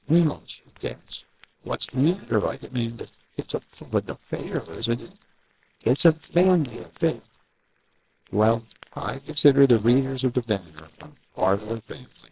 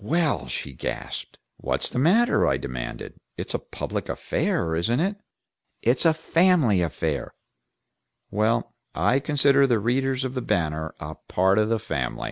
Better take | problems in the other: second | noise reduction (neural separator model SepFormer WHAMR!)

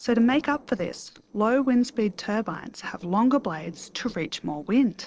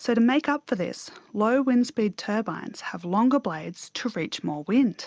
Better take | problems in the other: second | noise reduction (neural separator model SepFormer DNS4)

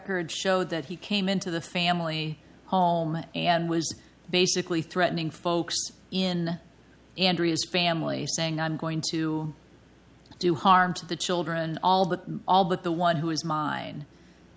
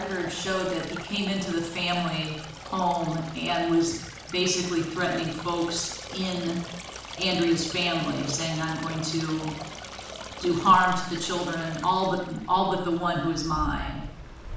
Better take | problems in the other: first | background sound (Stream); 12 dB below the speech // room echo; dies away in 0.7 s

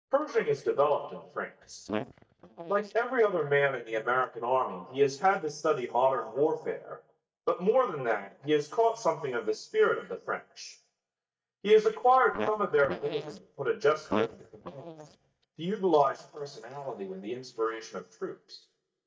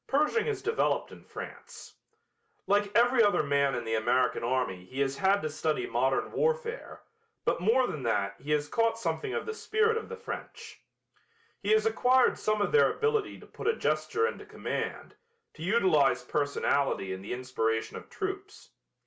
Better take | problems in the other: second | noise reduction (neural mask model DeepFilterNet 3)

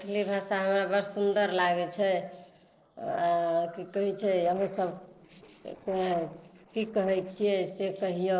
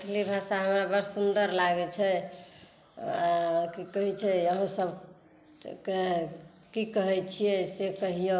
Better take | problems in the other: second | noise reduction (neural separator model SepFormer DNS4)

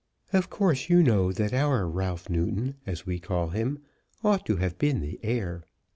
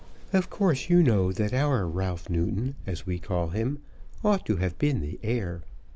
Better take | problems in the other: first | background sound (Mechanical fan); 11 dB below the speech

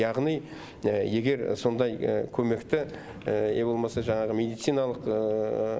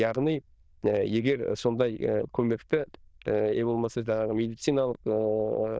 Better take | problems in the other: first | noise reduction (neural diffusion model UNIVERSE++)

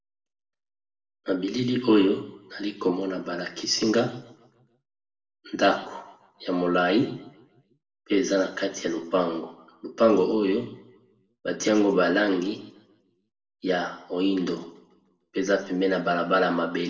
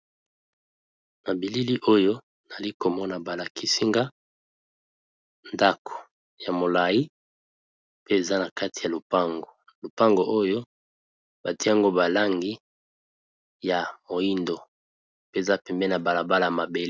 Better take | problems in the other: second | room echo; dies away in 0.6 s

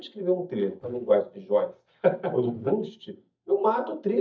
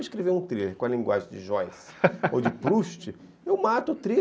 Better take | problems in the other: second | noise reduction (neural mask model DeepFilterNet 3)

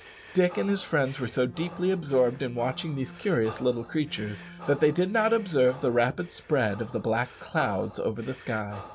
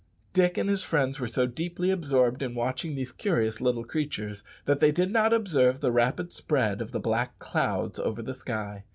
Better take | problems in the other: second | background sound (Breathing + Bowed string instrument); 18 dB below the speech

